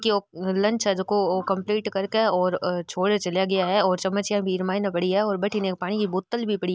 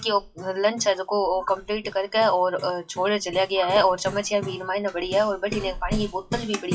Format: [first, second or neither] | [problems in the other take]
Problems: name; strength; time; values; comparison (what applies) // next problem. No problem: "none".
first | noise reduction (classical method WPE with log-MMSE)